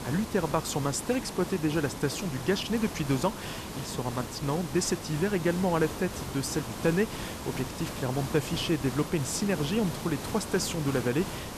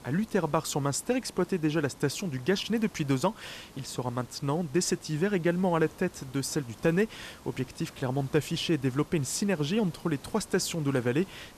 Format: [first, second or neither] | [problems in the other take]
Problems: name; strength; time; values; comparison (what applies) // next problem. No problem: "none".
second | hiss; loud; throughout; 8 dB below the speech; faint in the second